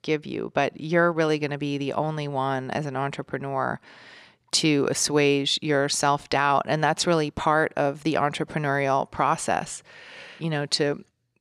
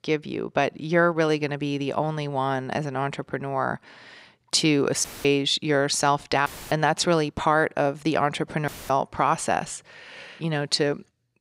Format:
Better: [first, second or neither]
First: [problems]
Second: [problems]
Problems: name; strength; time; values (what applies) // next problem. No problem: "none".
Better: first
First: none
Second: audio cutting out; filled with static; at 5 s, at 6.5 s and at 8.5 s